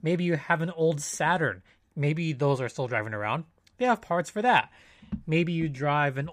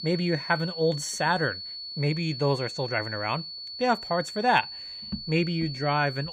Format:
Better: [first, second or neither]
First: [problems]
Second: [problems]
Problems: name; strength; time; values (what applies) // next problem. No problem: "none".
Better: first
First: none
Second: high-pitched whine; loud; throughout; 4.5 kHz, 8 dB below the speech